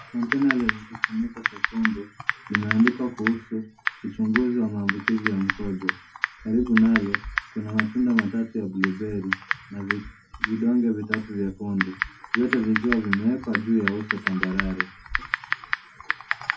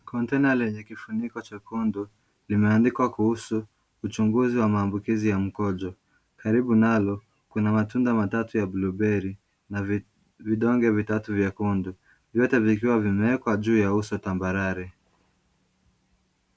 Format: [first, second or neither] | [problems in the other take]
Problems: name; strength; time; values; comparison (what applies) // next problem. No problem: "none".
second | background sound (Typing); 4 dB below the speech // room echo; dies away in 0.4 s